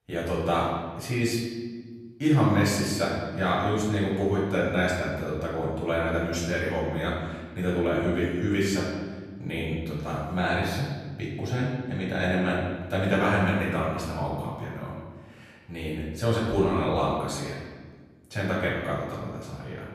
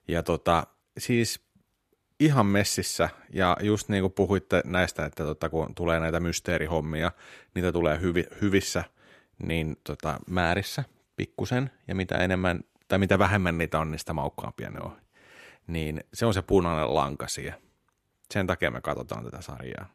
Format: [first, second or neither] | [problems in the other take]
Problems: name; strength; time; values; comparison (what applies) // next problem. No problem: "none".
second | off-mic speech; far // room echo; noticeable; dies away in 1.3 s